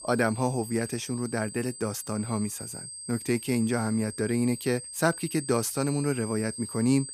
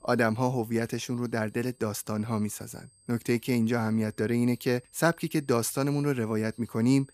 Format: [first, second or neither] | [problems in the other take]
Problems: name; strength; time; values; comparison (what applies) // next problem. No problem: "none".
second | high-pitched whine; loud; throughout; 8 kHz, 10 dB below the speech; faint in the second